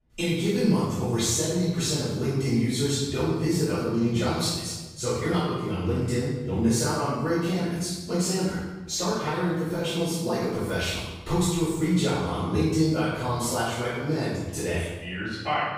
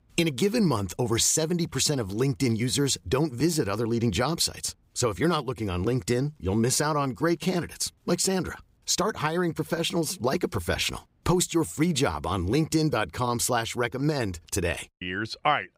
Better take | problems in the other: second | off-mic speech; far // room echo; strong; dies away in 1.1 s

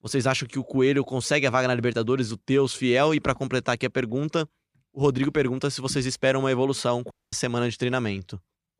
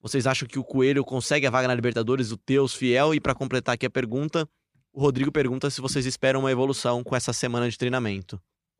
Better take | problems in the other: second | audio cutting out; at 7 s

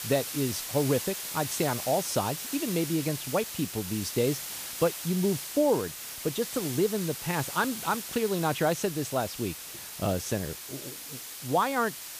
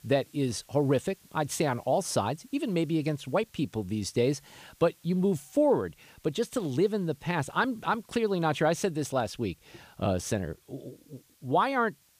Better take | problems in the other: second | hiss; loud; throughout; 6 dB below the speech; faint in the second

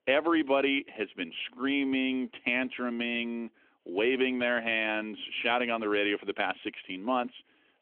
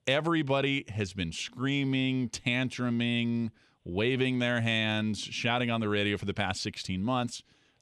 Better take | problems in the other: second | phone-call audio; nothing above 3.5 kHz

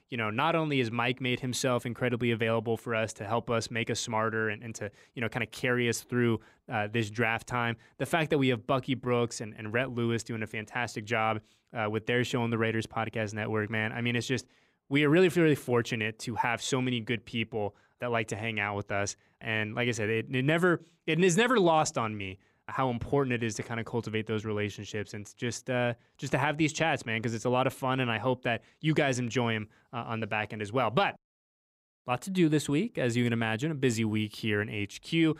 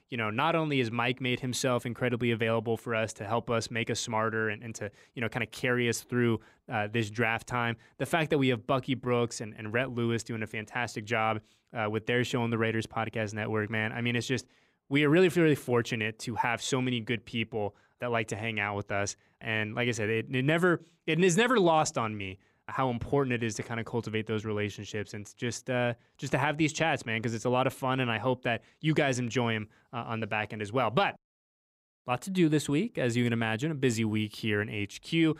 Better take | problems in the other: neither | none

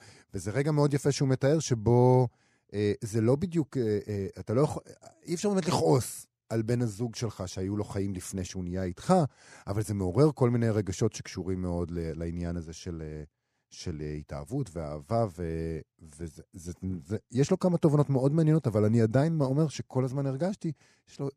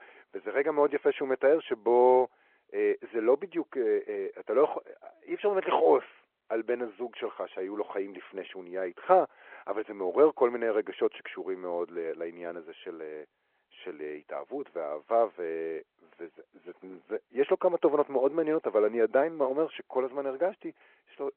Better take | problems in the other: first | phone-call audio

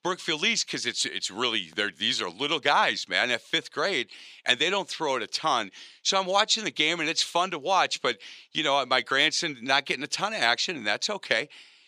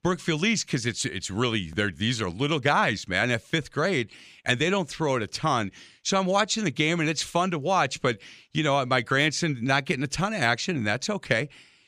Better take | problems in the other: second | thin; somewhat; fading below 350 Hz

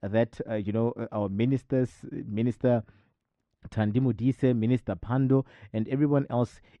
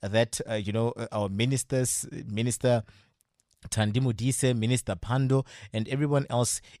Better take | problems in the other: second | muffled; very; fading above 2 kHz

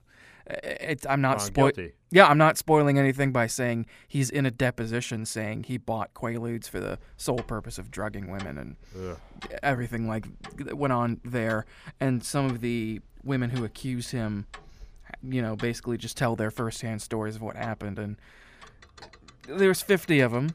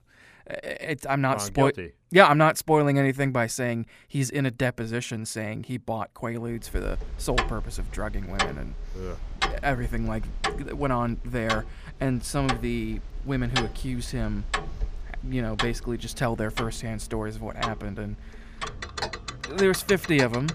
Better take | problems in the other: first | household noises; loud; from 6.5 s on; 7 dB below the speech; faint in the first

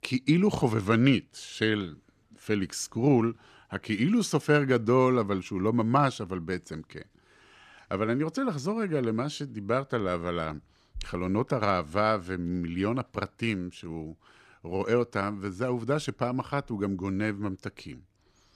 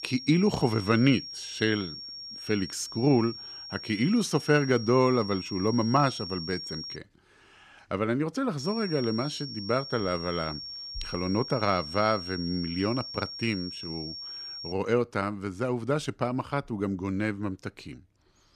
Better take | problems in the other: first | high-pitched whine; loud; until 7 s and from 8.5 to 15 s; 5.5 kHz, 9 dB below the speech

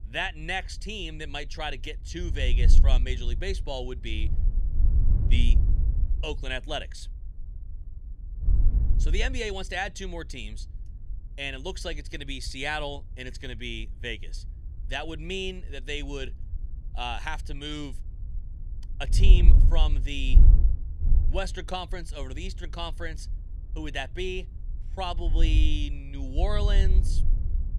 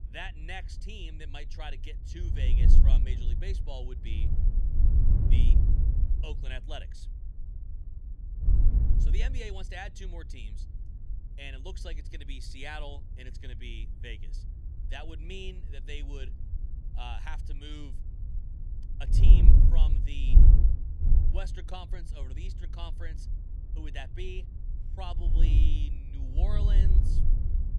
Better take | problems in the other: first | wind noise on the microphone; heavy; 2 dB below the speech; occasional gusts in the first

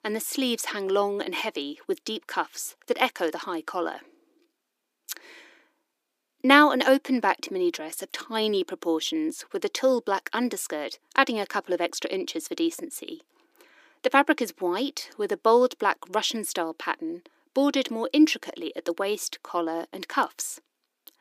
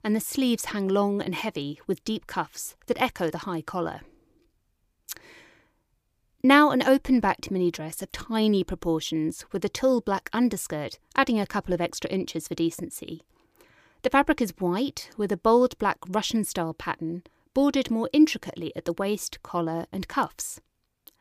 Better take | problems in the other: second | thin; very slightly; fading below 250 Hz

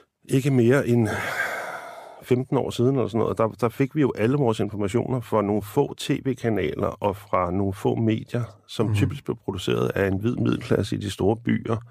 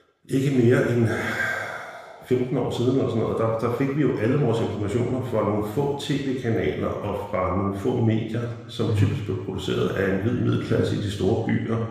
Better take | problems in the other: first | room echo; noticeable; dies away in 1.1 s // off-mic speech; somewhat distant

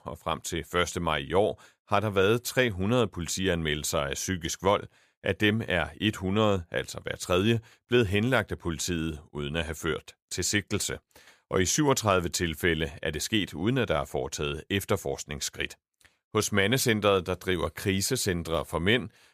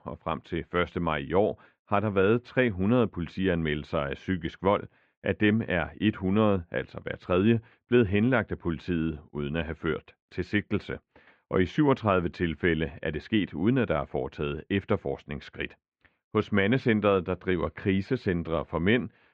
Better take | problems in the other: first | muffled; very; fading above 2.5 kHz

